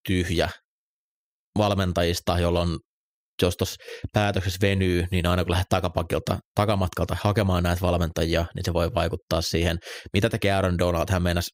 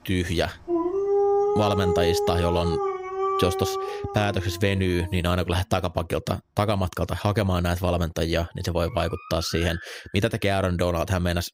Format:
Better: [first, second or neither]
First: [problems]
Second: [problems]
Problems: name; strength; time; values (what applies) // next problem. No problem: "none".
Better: first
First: none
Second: animal sounds; loud; throughout; 1 dB below the speech